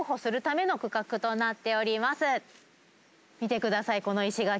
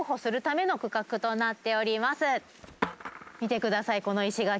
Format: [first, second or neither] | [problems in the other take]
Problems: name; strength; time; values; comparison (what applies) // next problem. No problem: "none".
first | background sound (Skateboard); 15 dB below the speech